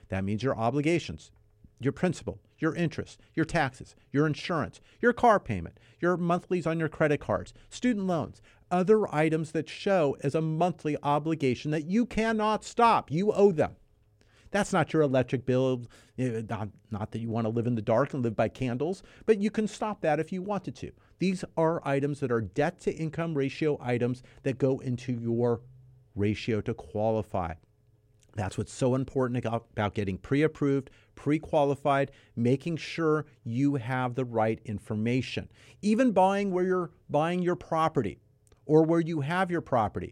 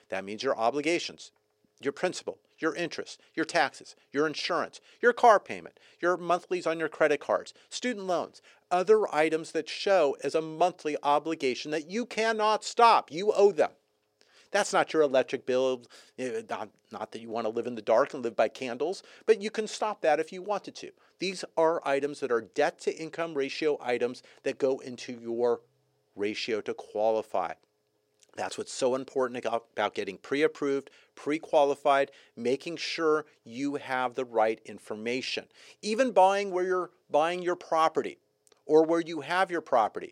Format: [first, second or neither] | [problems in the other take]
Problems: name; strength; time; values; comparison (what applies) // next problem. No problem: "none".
first | thin; somewhat; fading below 450 Hz